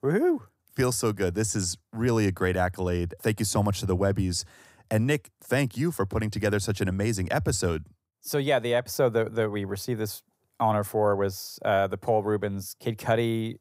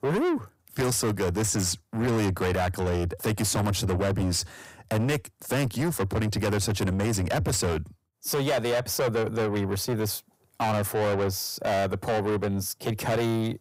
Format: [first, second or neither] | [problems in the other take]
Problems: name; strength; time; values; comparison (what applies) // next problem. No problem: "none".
first | distortion; heavy; 7 dB below the speech